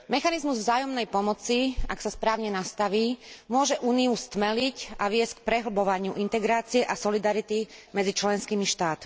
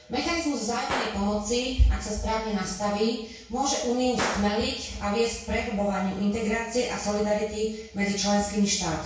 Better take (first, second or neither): first